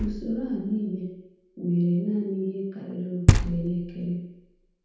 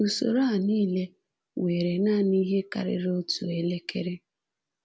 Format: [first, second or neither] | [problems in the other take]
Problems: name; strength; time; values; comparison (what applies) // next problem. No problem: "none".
second | background sound (Knock); as loud as the speech // room echo; dies away in 0.9 s